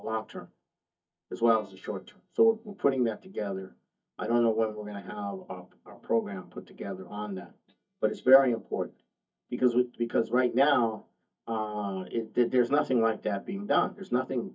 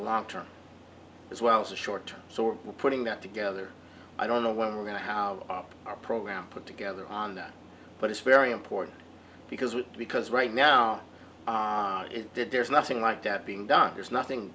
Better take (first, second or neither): second